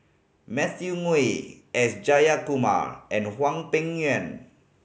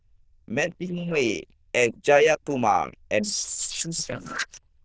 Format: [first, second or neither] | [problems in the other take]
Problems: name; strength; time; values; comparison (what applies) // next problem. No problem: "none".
first | noise reduction (neural diffusion model UNIVERSE++)